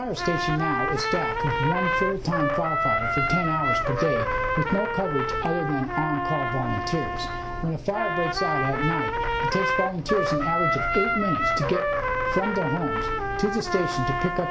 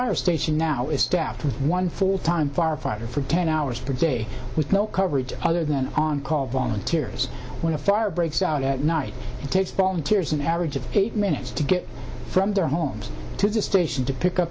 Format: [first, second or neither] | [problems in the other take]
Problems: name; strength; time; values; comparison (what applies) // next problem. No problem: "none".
second | background sound (Trumpet); 1 dB above the speech // room echo; dies away in 2.8 s